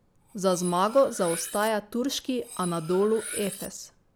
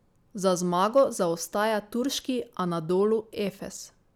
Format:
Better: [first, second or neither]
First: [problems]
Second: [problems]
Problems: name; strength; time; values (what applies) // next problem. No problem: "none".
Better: second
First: background sound (Cutlery, silverware); 14 dB below the speech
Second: none